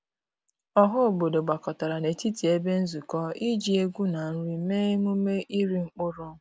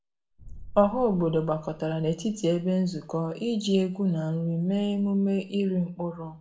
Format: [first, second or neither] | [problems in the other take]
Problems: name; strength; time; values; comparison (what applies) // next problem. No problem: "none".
first | background sound (Boom); 18 dB below the speech // room echo; dies away in 0.4 s